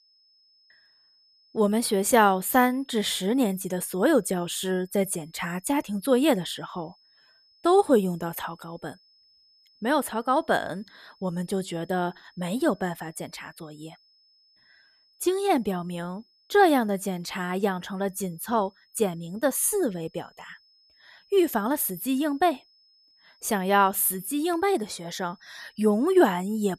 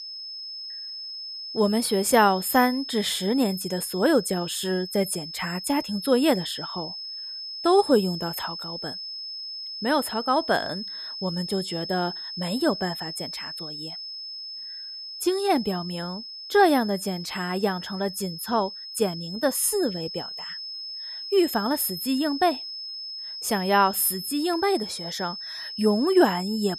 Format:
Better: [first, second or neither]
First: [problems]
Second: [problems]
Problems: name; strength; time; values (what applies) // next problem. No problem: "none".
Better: first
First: high-pitched whine; faint; throughout; 5 kHz, 35 dB below the speech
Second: high-pitched whine; loud; throughout; 5 kHz, 9 dB below the speech